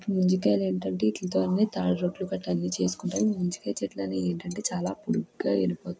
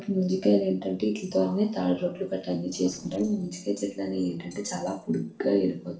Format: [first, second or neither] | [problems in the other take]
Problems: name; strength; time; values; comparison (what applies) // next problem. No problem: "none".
first | noise reduction (neural separator model SepFormer DNS4)